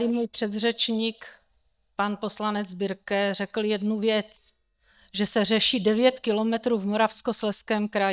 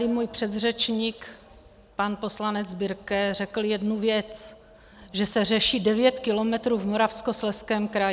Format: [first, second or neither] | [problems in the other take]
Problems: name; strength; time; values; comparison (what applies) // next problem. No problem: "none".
second | noise reduction (neural mask model DeepFilterNet 3)